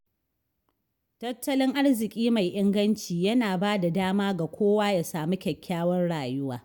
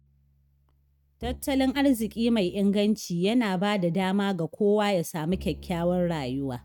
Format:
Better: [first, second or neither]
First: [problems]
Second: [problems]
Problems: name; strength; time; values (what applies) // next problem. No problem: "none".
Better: first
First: none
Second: noise reduction (neural mask model RNNoise)